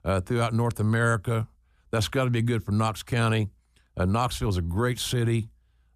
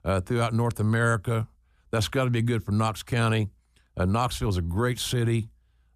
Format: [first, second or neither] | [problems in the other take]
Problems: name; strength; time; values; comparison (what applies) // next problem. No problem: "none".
neither | none